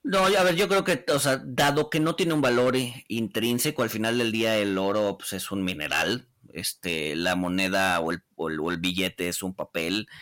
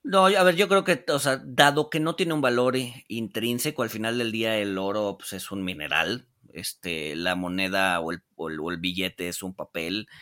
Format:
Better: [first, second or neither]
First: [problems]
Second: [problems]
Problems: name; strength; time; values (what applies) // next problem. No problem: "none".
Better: second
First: distortion; heavy; 7% of the sound clipped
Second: none